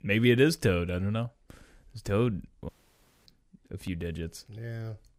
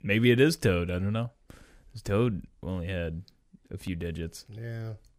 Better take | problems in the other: second | audio cutting out; at 2.5 s for 0.5 s

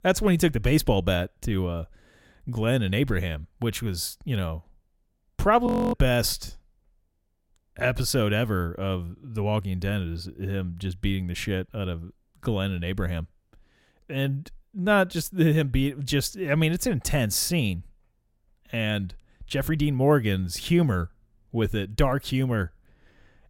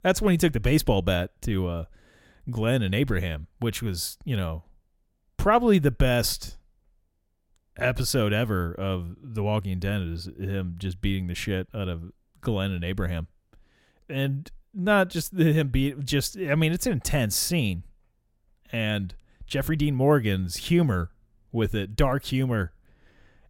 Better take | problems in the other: second | audio freezing; at 5.5 s

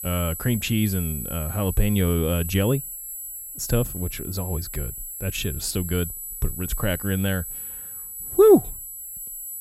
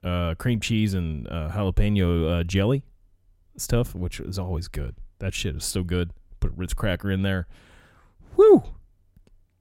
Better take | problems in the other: second | high-pitched whine; loud; throughout; 12 kHz, 8 dB below the speech

